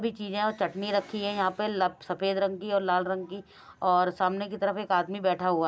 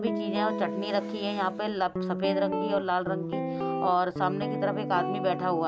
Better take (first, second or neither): first